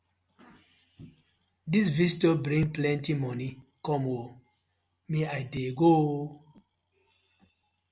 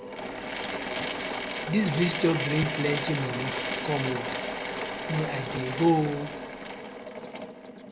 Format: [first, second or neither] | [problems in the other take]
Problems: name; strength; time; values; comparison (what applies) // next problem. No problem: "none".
first | background sound (Drill / Mechanisms); 3 dB below the speech